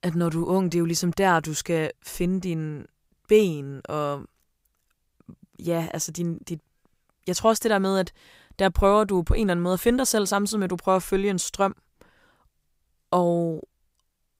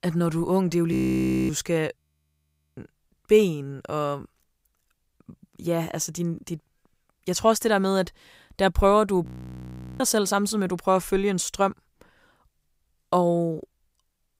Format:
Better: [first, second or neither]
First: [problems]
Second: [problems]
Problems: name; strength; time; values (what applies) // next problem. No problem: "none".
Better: first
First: none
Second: audio freezing; at 1 s for 0.5 s, at 2 s for 1 s and at 9.5 s for 1 s